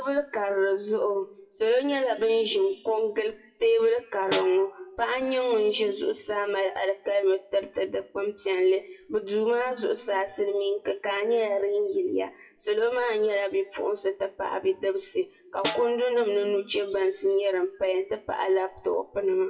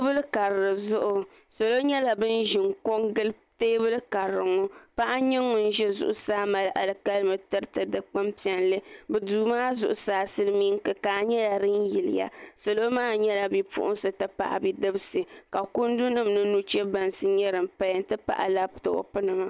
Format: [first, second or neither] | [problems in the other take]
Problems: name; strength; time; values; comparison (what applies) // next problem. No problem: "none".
second | noise reduction (classical method WPE with log-MMSE)